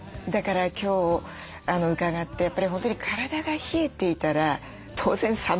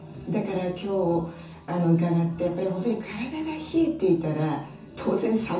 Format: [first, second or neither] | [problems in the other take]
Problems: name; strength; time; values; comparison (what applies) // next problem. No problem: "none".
first | room echo; dies away in 0.6 s